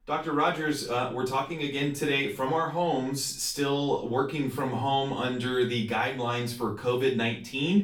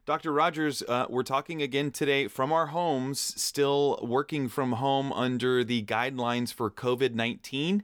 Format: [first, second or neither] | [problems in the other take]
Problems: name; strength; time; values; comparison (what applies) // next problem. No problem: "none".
second | room echo; slight; dies away in 0.3 s // off-mic speech; far